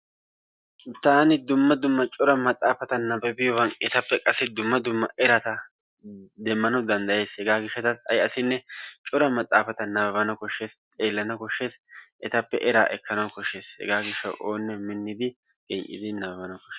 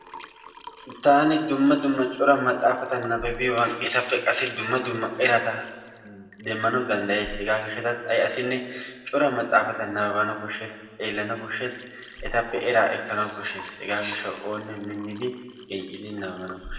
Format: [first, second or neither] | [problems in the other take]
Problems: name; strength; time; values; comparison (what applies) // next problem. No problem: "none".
first | background sound (Liquid); 20 dB below the speech // room echo; dies away in 1.4 s